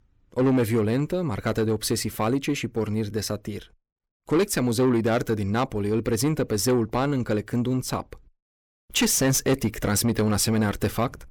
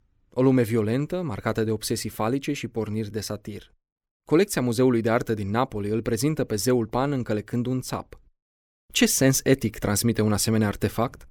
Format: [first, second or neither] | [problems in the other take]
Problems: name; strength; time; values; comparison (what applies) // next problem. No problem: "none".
second | distortion; slight; 10 dB below the speech